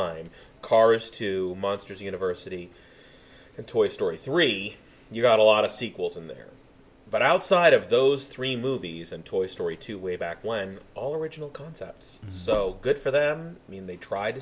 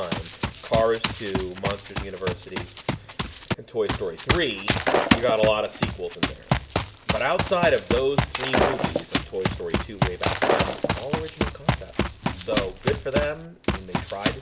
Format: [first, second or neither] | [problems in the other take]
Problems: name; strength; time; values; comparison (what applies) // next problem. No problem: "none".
first | background sound (Run + Shatter); 2 dB above the speech